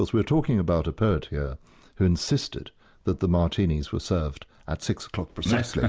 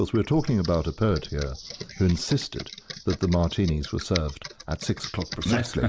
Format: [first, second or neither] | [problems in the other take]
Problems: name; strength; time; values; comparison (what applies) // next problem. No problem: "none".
first | background sound (Computer keyboard); 15 dB below the speech